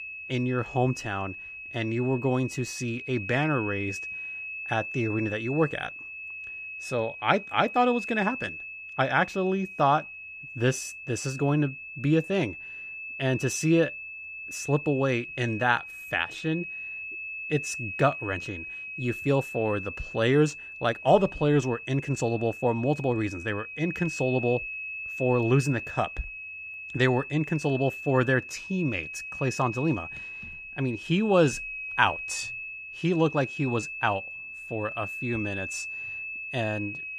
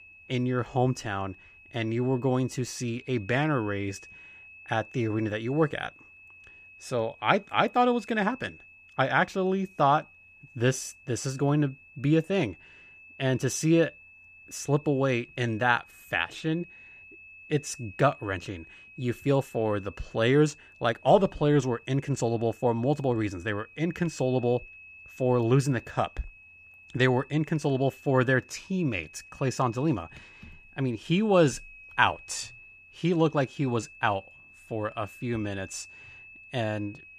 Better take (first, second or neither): second